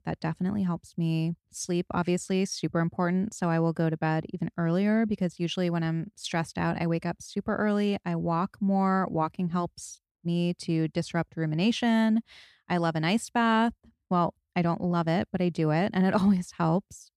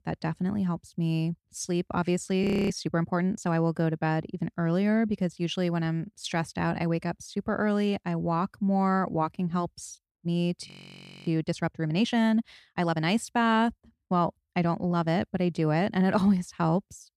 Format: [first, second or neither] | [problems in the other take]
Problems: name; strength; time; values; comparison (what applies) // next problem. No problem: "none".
first | audio freezing; at 2.5 s and at 11 s for 0.5 s